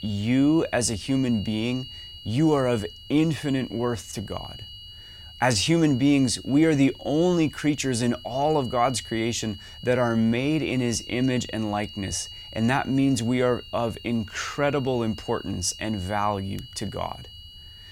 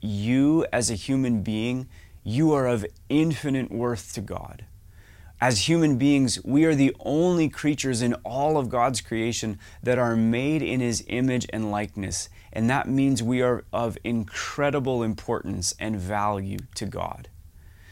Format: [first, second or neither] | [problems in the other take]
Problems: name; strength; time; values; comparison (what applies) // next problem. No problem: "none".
second | high-pitched whine; noticeable; throughout; 3 kHz, 15 dB below the speech